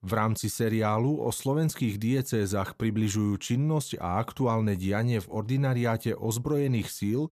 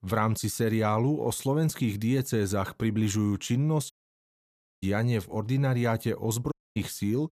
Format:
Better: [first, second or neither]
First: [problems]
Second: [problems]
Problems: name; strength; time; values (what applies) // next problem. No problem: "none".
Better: first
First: none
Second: audio cutting out; at 4 s for 1 s and at 6.5 s